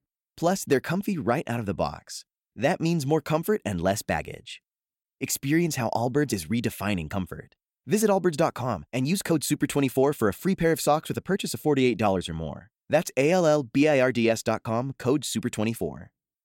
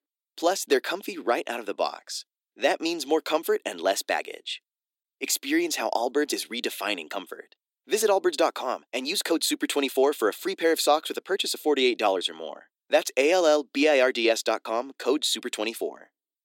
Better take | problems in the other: first | thin; somewhat; fading below 300 Hz

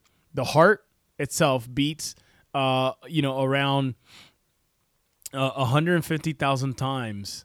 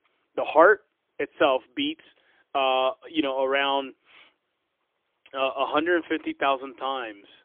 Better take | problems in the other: first | phone-call audio; poor line; nothing above 3.5 kHz

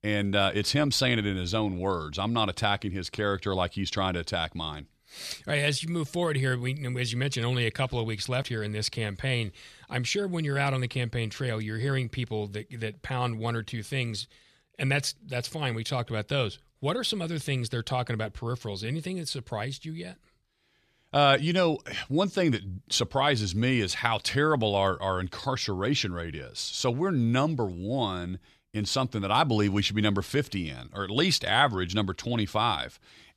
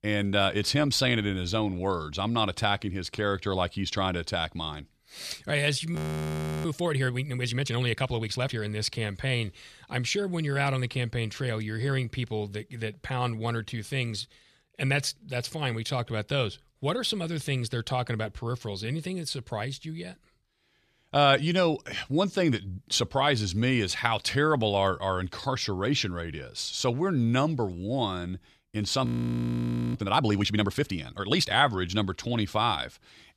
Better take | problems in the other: first | audio freezing; at 6 s for 0.5 s and at 29 s for 1 s

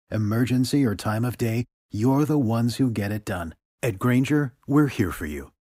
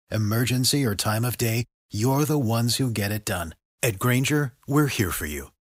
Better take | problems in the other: second | muffled; slightly; fading above 2.5 kHz

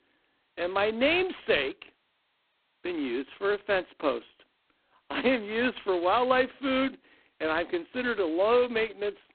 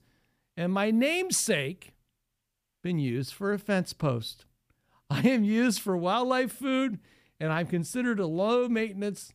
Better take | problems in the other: second | phone-call audio; poor line; nothing above 4 kHz

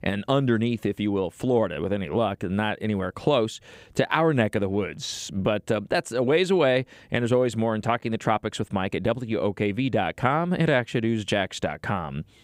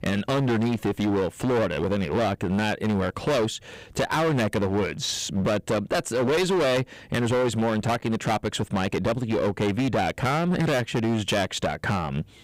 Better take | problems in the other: first | distortion; heavy; 22% of the sound clipped

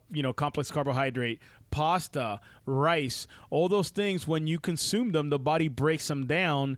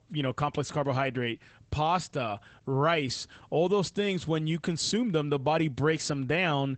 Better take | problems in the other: first | garbled, watery; badly; nothing above 8 kHz; slightly in the first

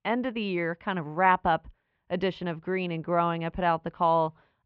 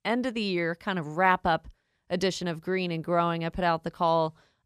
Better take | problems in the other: second | muffled; very; fading above 3 kHz

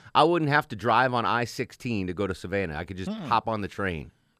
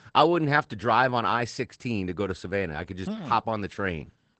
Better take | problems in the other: first | garbled, watery; badly; nothing above 8 kHz

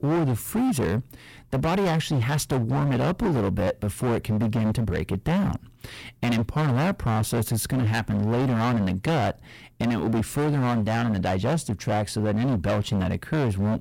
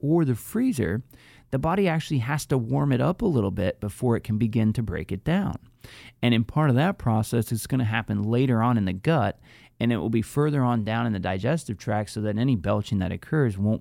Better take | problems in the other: second | distortion; heavy; 27% of the sound clipped

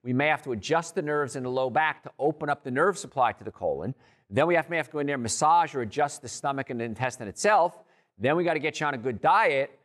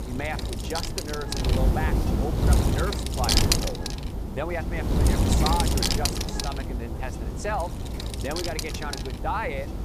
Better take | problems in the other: first | wind noise on the microphone; heavy; 2 dB above the speech

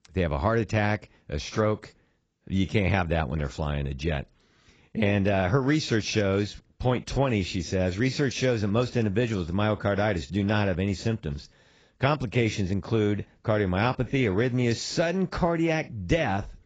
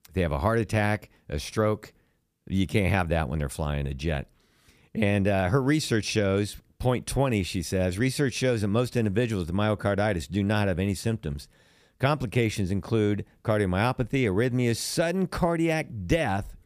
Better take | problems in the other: second | garbled, watery; badly; nothing above 7.5 kHz

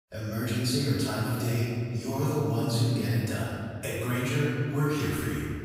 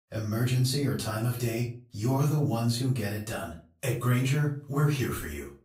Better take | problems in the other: second | room echo; strong; dies away in 2.2 s; slight in the second // off-mic speech; far; far in the second

